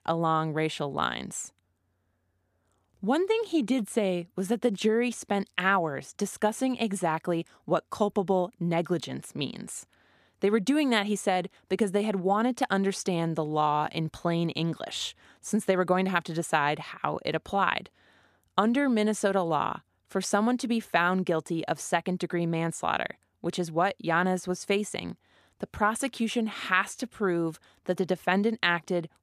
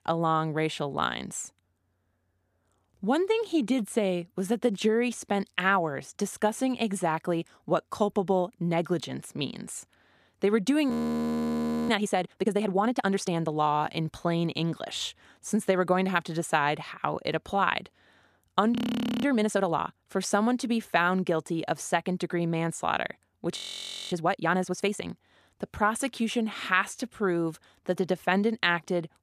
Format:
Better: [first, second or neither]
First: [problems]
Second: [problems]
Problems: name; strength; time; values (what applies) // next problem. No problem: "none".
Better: first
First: none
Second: audio freezing; at 11 s for 1 s, at 19 s and at 24 s for 0.5 s